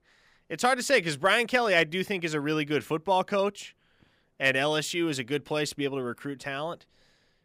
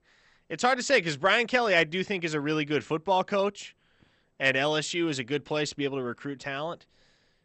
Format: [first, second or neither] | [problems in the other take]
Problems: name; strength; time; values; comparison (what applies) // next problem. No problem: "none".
first | garbled, watery; slightly; nothing above 8 kHz